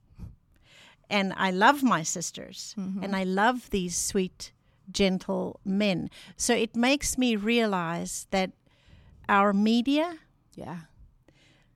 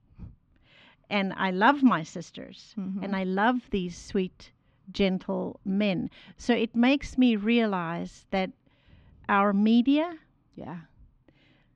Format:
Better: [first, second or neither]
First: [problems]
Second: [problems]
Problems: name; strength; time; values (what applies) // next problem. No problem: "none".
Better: first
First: none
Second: muffled; slightly; fading above 3.5 kHz